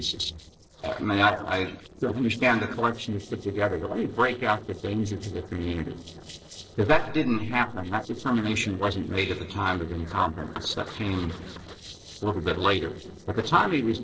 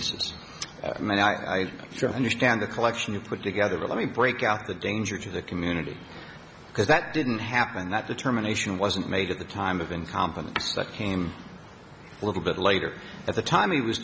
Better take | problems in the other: second | noise reduction (neural separator model SepFormer DNS4)

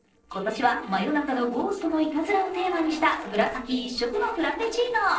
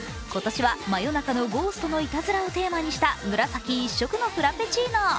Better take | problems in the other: second | noise reduction (neural separator model SepFormer DNS4)

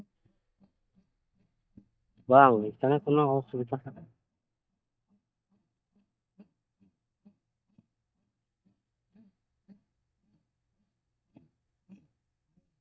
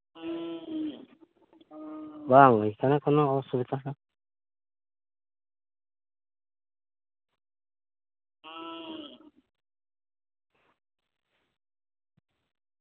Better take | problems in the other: second | noise reduction (neural mask model DeepFilterNet 3)

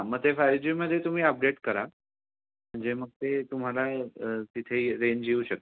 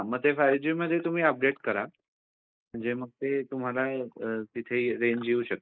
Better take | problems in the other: first | noise reduction (neural mask model Resemble Enhance denoiser)

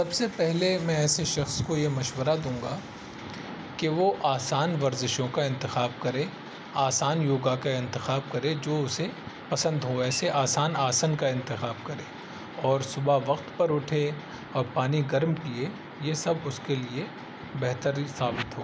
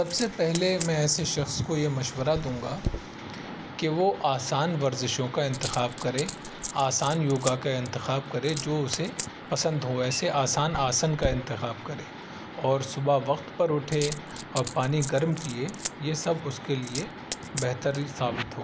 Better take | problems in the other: first | background sound (Coin (dropping)); 12 dB below the speech

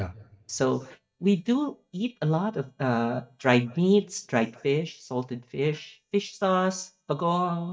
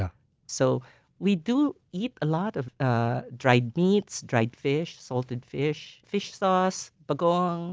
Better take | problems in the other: second | noise reduction (neural mask model DeepFilterNet 3)

